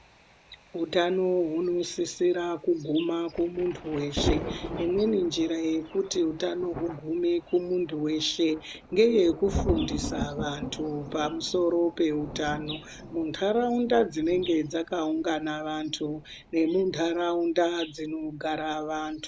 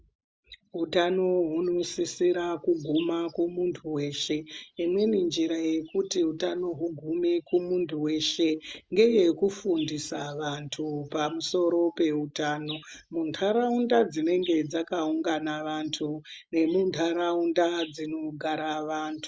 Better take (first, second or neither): second